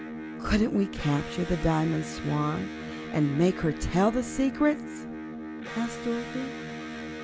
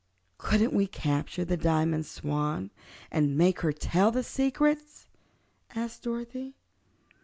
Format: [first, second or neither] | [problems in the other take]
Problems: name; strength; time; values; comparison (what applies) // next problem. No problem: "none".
second | background sound (Electric guitar); 9 dB below the speech